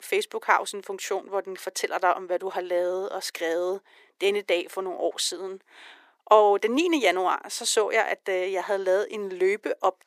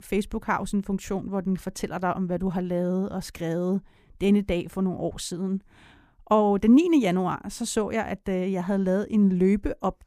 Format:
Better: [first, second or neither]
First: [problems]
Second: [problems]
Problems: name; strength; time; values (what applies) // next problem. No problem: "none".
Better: second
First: thin; very; fading below 400 Hz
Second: none